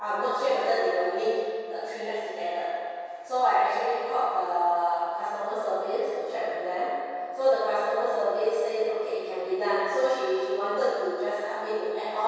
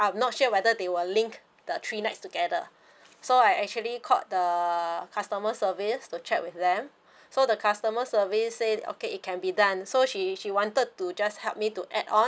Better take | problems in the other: second | room echo; dies away in 2.2 s

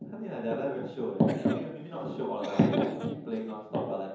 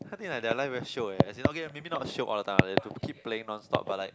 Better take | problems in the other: second | background sound (Cough); 12 dB below the speech // room echo; dies away in 0.9 s

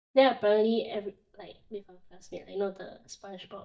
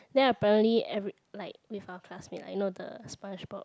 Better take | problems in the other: second | noise reduction (neural mask model DeepFilterNet 3)

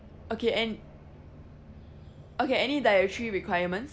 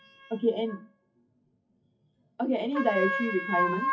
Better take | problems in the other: first | noise reduction (classical method WPE with log-MMSE)

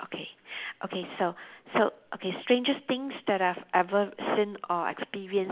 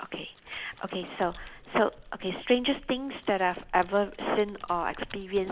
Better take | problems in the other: first | background sound (Keys jangling + Computer keyboard); 19 dB below the speech

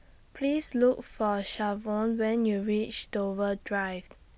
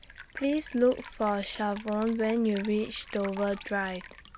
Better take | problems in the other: first | background sound (Liquid); 18 dB below the speech

